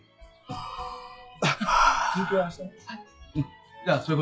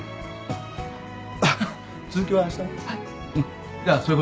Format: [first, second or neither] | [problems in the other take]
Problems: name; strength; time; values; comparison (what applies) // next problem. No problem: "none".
second | noise reduction (classical method log-MMSE)